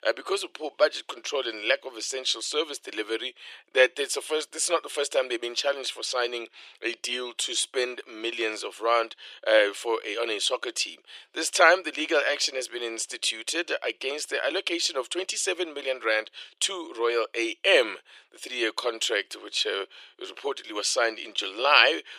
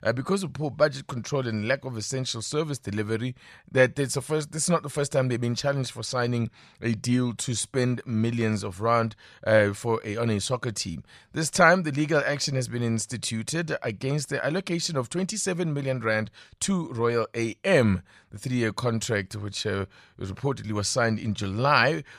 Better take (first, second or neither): second